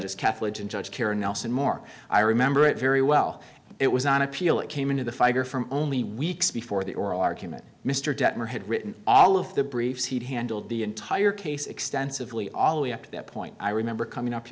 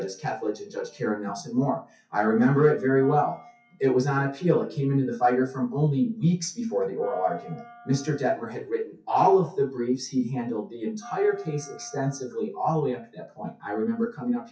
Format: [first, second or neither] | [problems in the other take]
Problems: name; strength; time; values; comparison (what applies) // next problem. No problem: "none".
first | noise reduction (classical method WPE with log-MMSE)